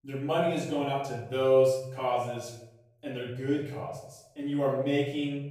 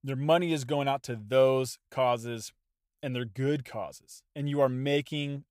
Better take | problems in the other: second | off-mic speech; far // room echo; noticeable; dies away in 0.7 s

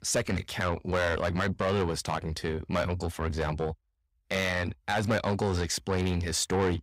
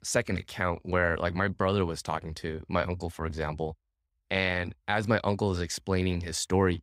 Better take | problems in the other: second | distortion; heavy; 7 dB below the speech

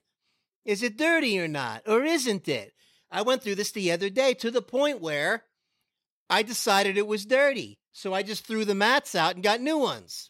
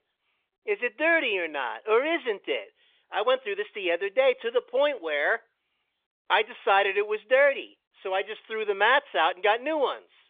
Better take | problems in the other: first | phone-call audio; nothing above 3.5 kHz

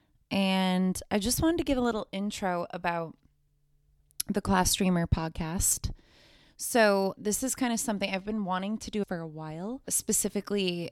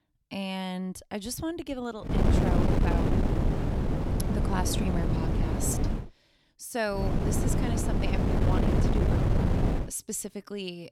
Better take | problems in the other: first | wind noise on the microphone; heavy; from 2 to 6 s and from 7 to 10 s; 2 dB above the speech

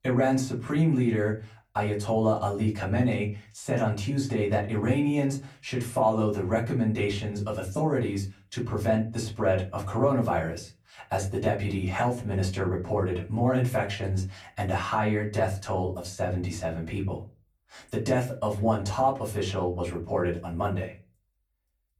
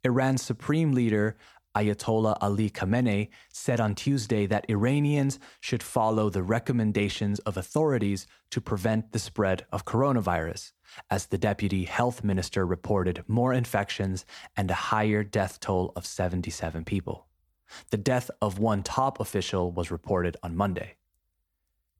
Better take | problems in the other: second | off-mic speech; far // room echo; very slight; dies away in 0.3 s

